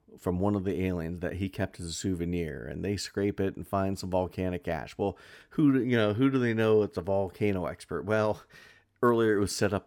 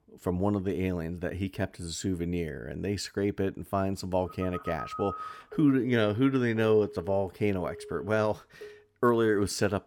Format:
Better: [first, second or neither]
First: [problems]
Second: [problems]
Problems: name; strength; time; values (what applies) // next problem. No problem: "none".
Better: first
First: none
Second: phone ringing; noticeable; from 4.5 to 9 s; peak 8 dB below the speech